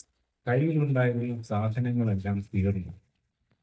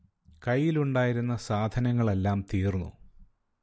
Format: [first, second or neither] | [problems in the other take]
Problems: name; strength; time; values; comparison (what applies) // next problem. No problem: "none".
second | noise reduction (neural mask model DeepFilterNet 3)